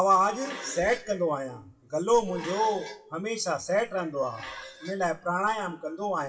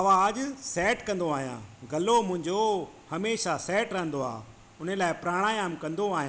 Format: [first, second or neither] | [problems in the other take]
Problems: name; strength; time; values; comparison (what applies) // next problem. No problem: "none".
second | noise reduction (classical method WPE with log-MMSE)